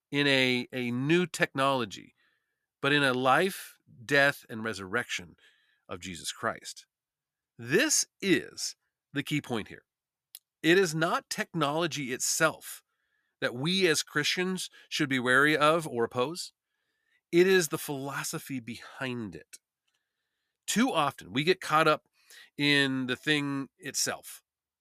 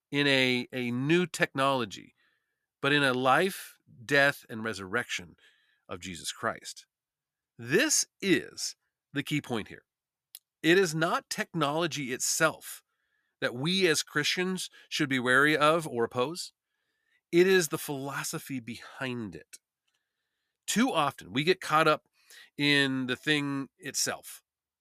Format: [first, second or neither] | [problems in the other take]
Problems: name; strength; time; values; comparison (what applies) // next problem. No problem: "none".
neither | none